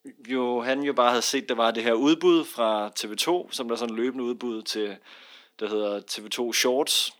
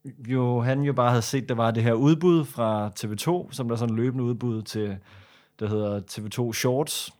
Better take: second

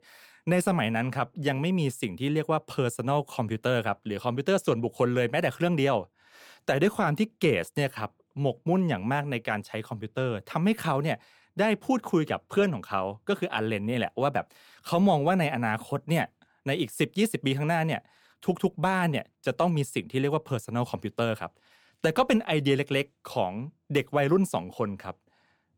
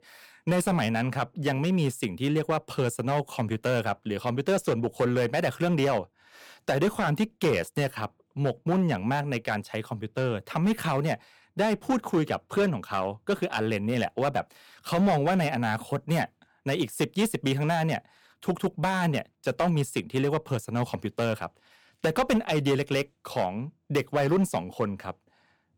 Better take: first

